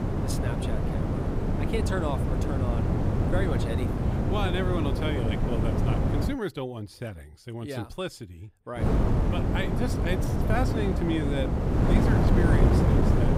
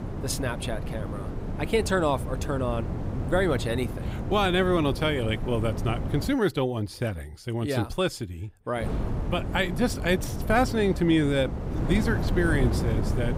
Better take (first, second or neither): second